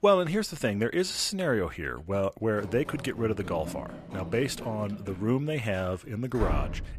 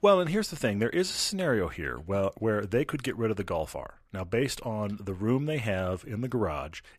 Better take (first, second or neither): second